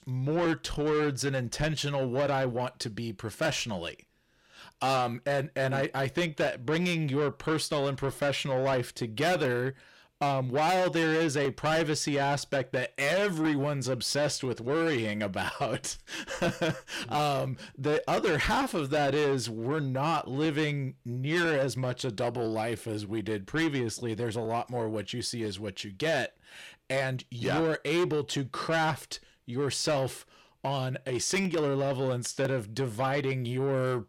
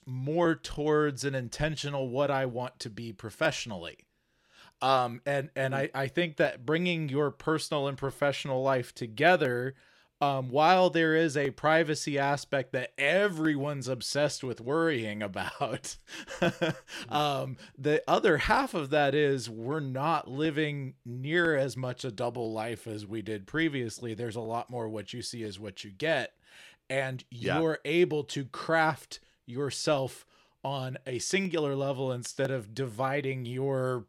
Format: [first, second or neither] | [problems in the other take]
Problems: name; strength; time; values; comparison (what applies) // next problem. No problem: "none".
second | distortion; heavy; 8 dB below the speech